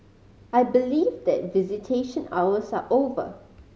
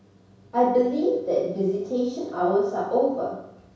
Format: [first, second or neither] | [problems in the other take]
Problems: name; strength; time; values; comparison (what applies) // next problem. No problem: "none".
first | room echo; dies away in 0.7 s